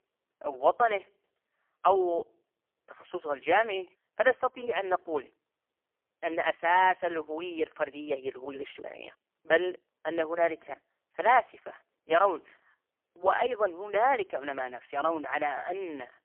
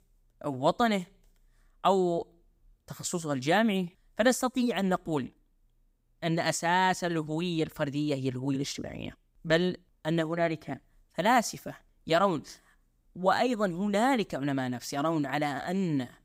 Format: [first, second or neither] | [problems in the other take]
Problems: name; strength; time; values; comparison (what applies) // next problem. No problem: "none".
second | phone-call audio; poor line; nothing above 3 kHz